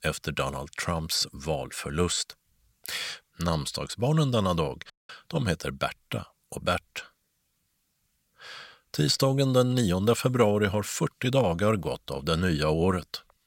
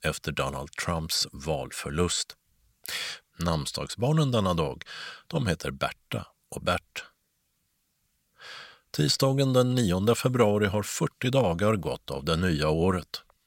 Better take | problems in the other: second | audio cutting out; at 5 s

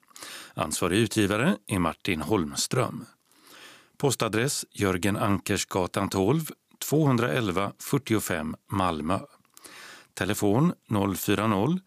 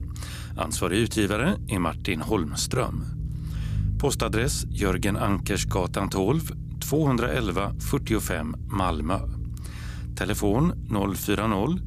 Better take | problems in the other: first | low rumble; noticeable; throughout; 20 dB below the speech

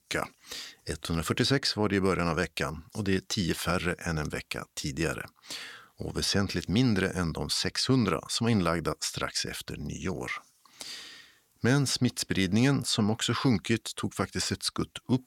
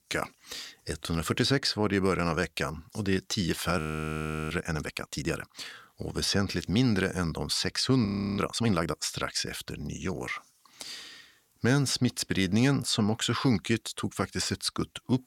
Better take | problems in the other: first | audio freezing; at 4 s for 0.5 s and at 8 s

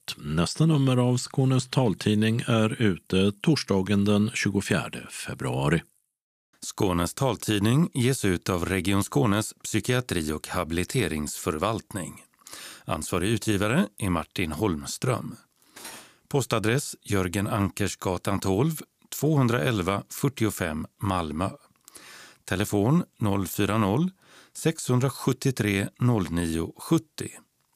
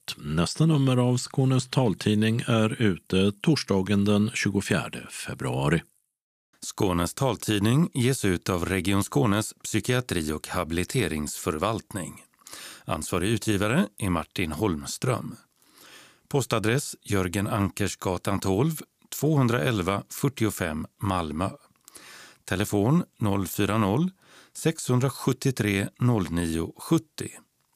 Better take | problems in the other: second | clattering dishes; faint; at 16 s; peak 15 dB below the speech

